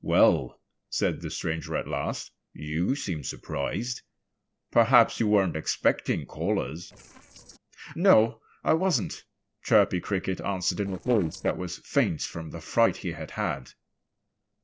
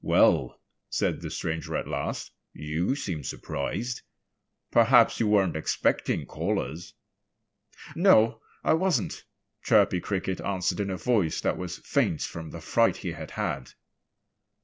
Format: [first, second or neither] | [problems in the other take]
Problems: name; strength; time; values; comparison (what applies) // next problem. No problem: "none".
second | noise reduction (neural separator model SepFormer DNS4)